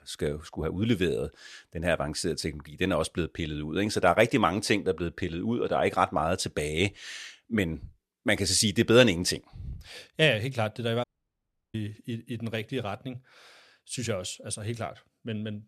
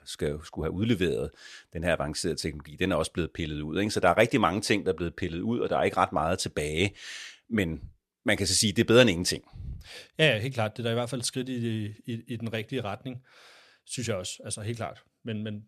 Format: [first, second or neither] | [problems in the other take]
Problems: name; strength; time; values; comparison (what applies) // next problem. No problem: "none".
second | audio cutting out; at 11 s for 0.5 s